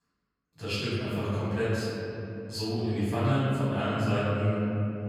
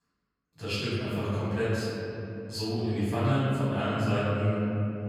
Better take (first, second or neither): neither